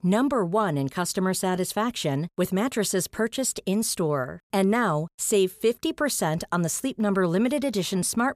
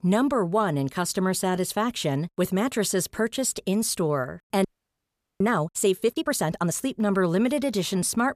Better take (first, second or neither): first